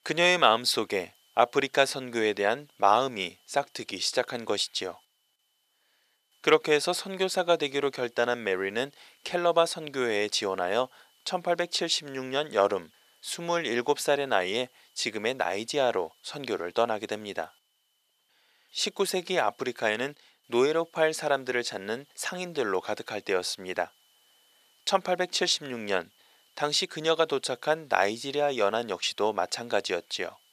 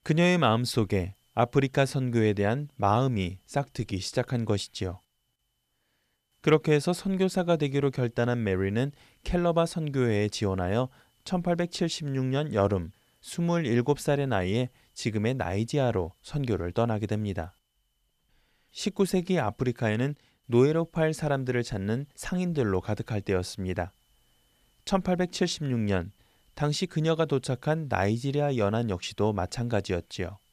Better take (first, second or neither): second